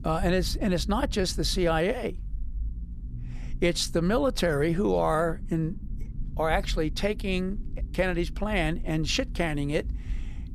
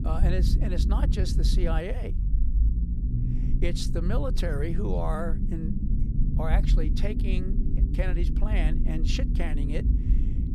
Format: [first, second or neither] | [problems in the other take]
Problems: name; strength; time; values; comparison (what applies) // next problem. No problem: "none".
first | low rumble; loud; throughout; 6 dB below the speech; faint in the first